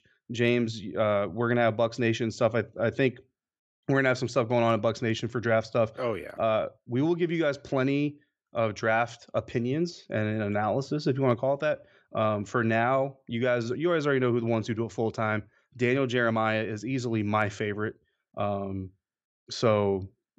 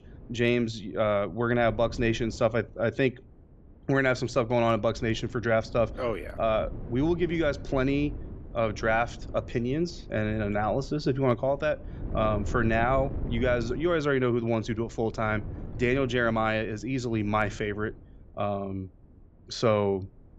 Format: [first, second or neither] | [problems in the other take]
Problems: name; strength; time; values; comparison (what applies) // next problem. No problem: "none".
first | wind noise on the microphone; occasional gusts; 20 dB below the speech